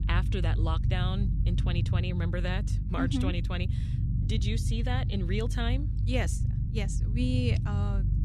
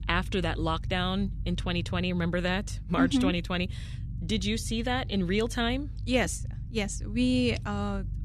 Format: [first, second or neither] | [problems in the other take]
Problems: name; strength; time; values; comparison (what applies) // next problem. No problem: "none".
second | low rumble; loud; throughout; 7 dB below the speech; faint in the second